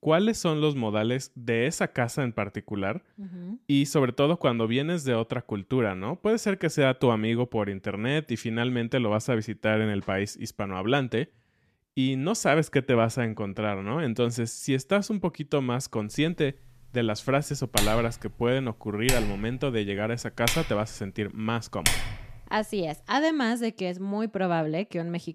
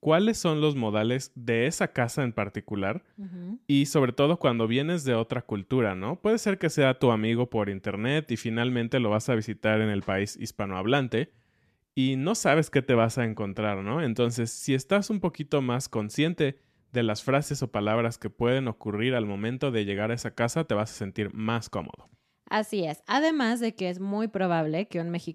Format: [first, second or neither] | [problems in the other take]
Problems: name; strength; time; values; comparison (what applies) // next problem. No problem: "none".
second | keyboard typing; loud; from 18 to 22 s; peak 1 dB above the speech